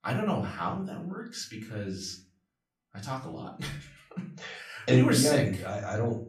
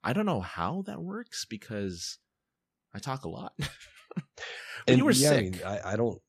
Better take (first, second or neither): second